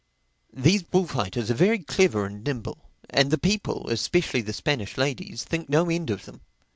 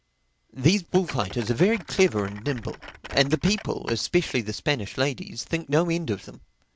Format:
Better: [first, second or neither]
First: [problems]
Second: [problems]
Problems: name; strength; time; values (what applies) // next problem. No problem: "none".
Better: first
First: none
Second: background sound (Typing); 16 dB below the speech